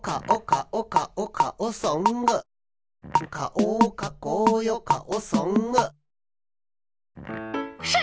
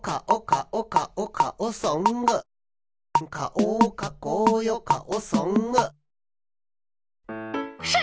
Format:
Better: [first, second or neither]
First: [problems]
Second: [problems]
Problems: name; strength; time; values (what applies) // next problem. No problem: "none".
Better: second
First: background sound (Fart); 20 dB below the speech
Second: none